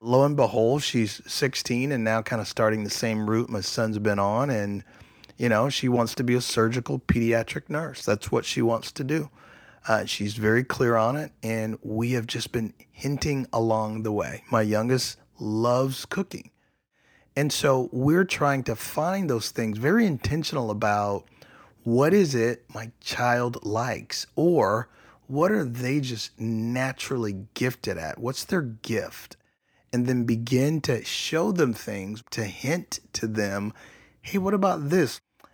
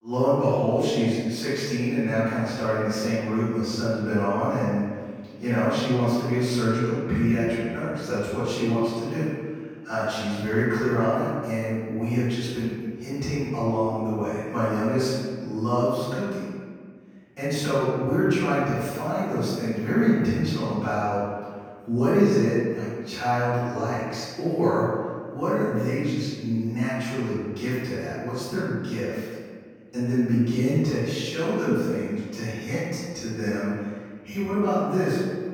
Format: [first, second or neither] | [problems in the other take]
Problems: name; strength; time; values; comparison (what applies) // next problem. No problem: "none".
first | off-mic speech; far // room echo; strong; dies away in 1.7 s